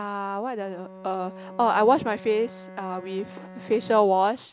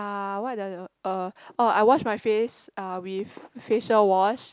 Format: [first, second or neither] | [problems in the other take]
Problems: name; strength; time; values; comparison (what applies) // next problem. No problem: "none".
second | background sound (Bowed string instrument); 18 dB below the speech